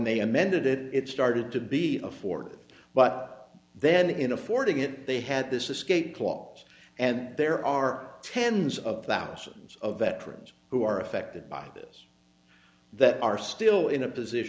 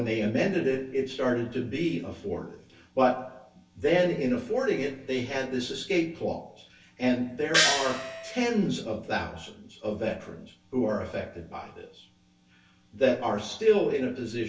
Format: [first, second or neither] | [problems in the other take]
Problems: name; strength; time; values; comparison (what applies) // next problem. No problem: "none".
first | background sound (Gong); 2 dB above the speech // room echo; dies away in 0.1 s